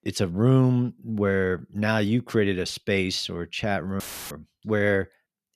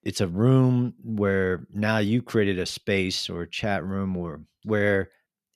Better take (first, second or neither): second